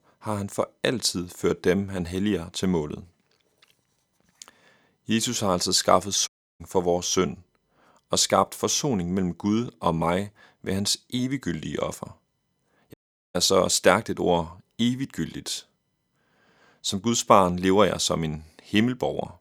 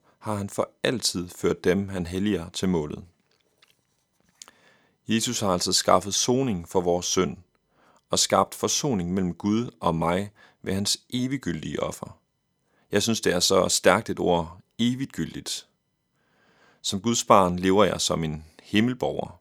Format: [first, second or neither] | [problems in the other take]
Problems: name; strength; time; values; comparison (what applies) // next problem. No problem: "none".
second | audio cutting out; at 6.5 s and at 13 s